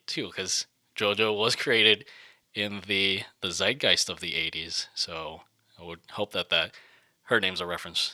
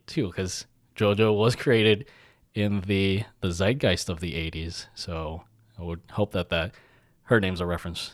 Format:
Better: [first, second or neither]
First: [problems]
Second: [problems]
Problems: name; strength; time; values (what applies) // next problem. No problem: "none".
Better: second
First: thin; somewhat; fading below 650 Hz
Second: none